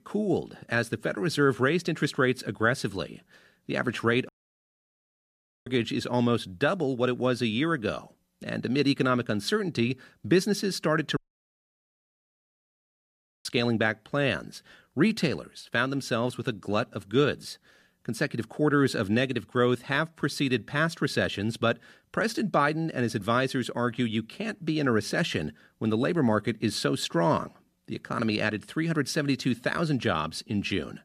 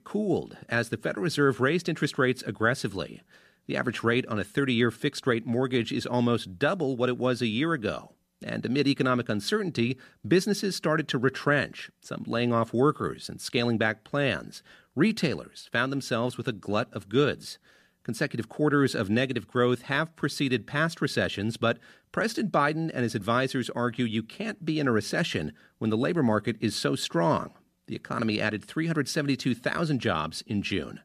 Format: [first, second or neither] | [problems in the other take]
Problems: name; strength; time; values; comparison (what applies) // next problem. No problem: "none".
second | audio cutting out; at 4.5 s for 1.5 s and at 11 s for 2.5 s